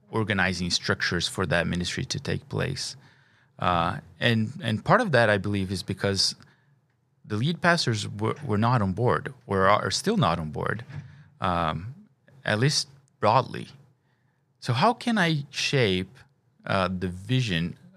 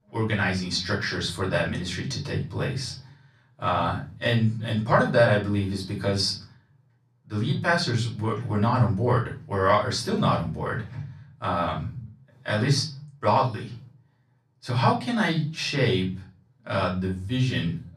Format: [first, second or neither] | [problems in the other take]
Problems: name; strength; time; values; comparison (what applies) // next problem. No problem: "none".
first | off-mic speech; far // room echo; slight; dies away in 0.4 s